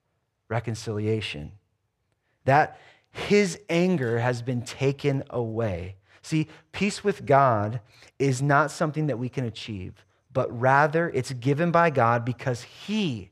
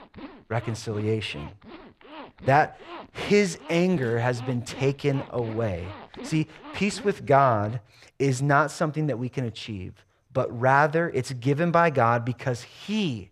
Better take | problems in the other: first | household noises; noticeable; throughout; 20 dB below the speech

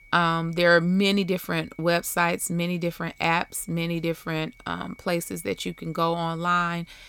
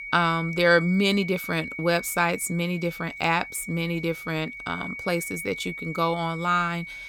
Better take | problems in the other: first | high-pitched whine; loud; throughout; 2 kHz, 10 dB below the speech; faint in the first

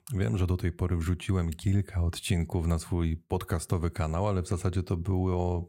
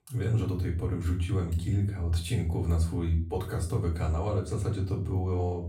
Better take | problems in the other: first | room echo; slight; dies away in 0.4 s // off-mic speech; far

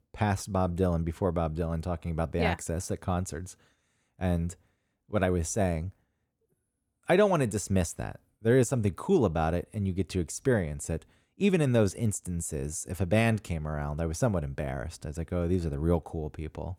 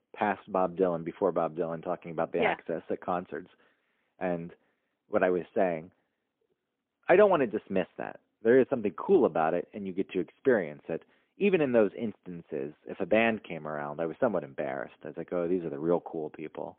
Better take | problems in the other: first | phone-call audio; poor line

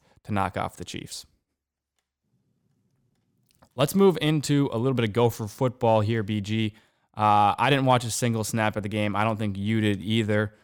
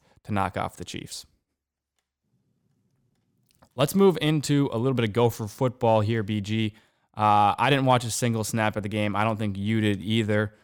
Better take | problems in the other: neither | none

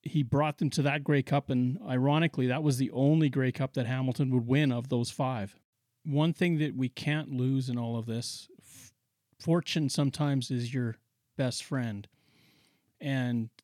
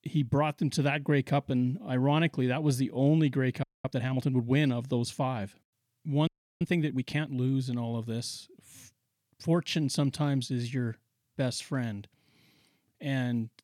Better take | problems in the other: first | audio freezing; at 3.5 s and at 6.5 s

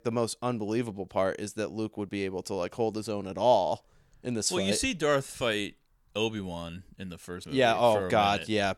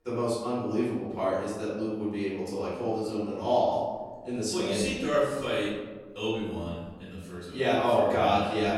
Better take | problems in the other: first | off-mic speech; far // room echo; strong; dies away in 1.2 s

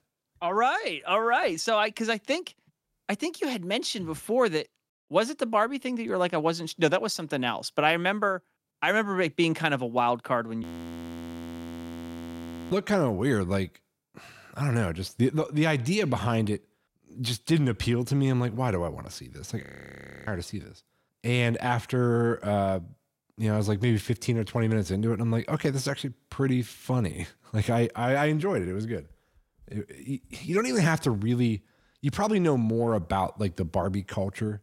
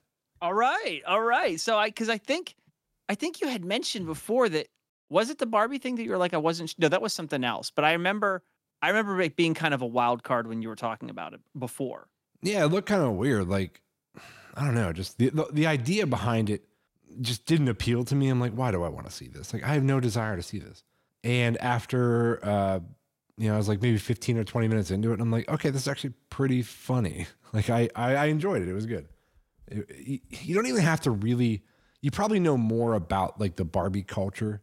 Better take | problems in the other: second | audio freezing; at 11 s for 2 s and at 20 s for 0.5 s

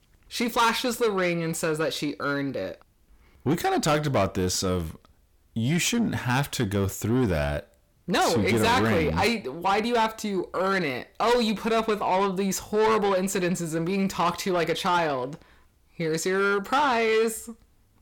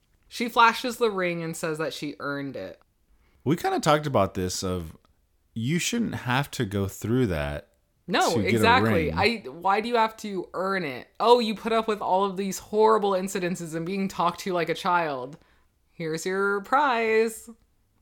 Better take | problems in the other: second | distortion; heavy; 8 dB below the speech

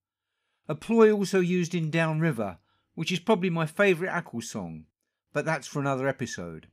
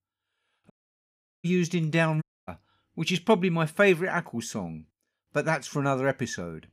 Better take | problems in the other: first | audio cutting out; at 0.5 s for 0.5 s and at 2 s

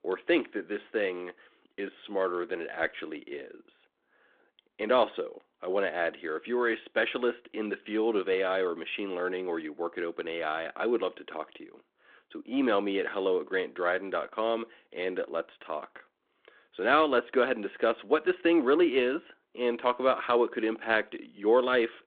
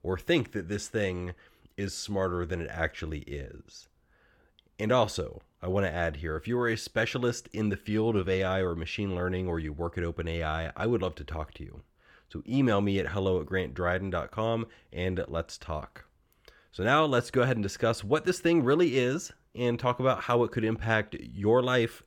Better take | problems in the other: second | phone-call audio

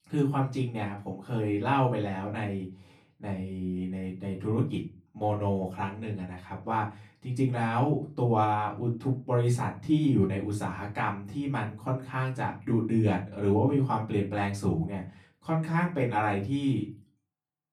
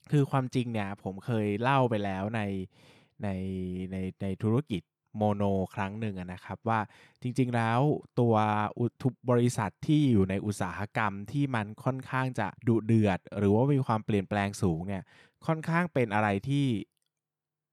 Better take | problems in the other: second | off-mic speech; far // room echo; very slight; dies away in 0.3 s

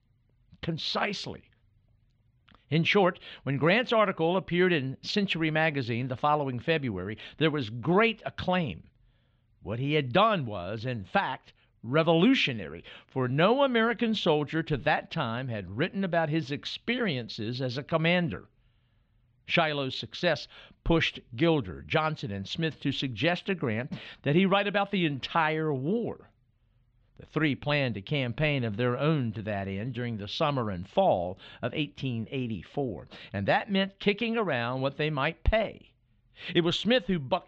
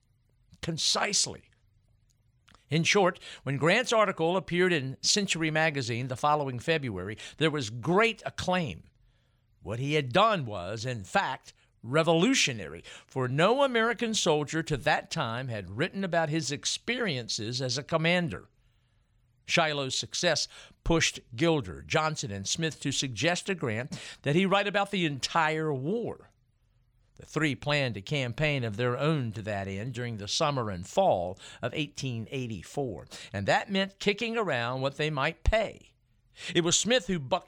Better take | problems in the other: second | muffled; slightly; fading above 3.5 kHz

